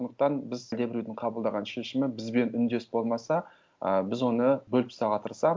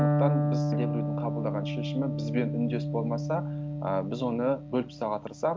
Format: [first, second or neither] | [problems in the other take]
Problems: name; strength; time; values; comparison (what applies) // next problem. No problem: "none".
first | background sound (Electric guitar); 1 dB above the speech